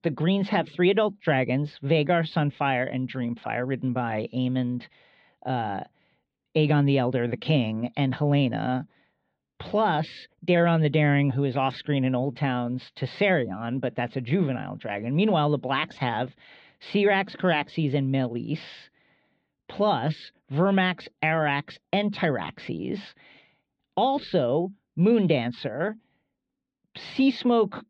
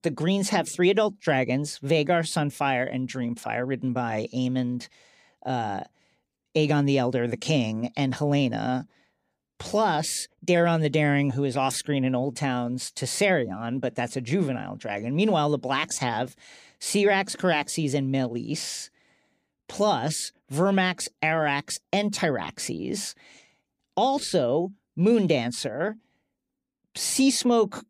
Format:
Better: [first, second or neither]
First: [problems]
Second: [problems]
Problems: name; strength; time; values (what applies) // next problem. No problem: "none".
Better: second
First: muffled; slightly; fading above 3.5 kHz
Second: none